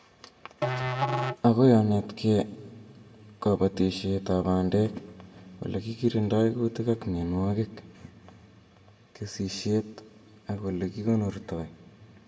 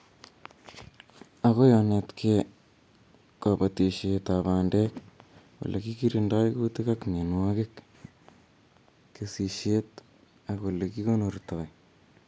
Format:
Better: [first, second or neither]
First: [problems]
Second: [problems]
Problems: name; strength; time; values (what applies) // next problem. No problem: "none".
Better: second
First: background sound (Musical instrument); 5 dB below the speech // room echo; dies away in 0.9 s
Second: none